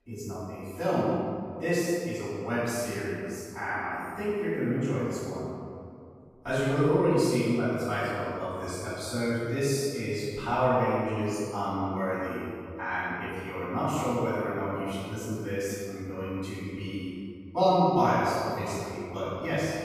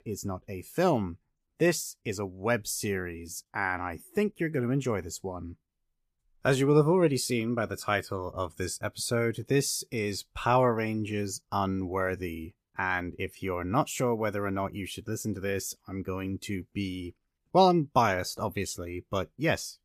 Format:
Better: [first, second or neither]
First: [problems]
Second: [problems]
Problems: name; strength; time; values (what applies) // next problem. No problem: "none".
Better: second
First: room echo; strong; dies away in 2.1 s // off-mic speech; far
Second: none